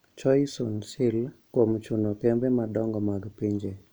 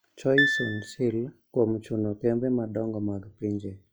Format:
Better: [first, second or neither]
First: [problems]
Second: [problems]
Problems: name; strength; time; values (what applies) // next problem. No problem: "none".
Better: first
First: none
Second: noise reduction (classical method log-MMSE)